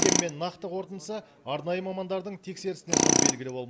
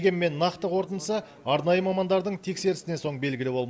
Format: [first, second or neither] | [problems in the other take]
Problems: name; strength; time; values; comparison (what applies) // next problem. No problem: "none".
second | background sound (Tools); 4 dB above the speech